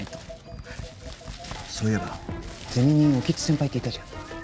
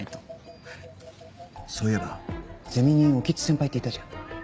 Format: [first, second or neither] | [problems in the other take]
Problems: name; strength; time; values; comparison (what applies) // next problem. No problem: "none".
second | background sound (Computer keyboard + Crumpling, crinkling); 15 dB below the speech